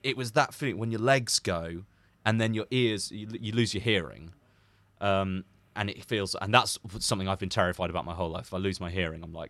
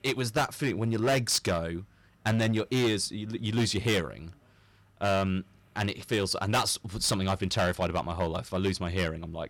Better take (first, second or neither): first